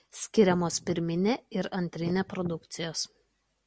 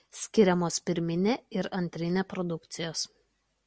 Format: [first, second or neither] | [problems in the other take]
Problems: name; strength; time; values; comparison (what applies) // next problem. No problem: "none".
second | background sound (Wind); 14 dB below the speech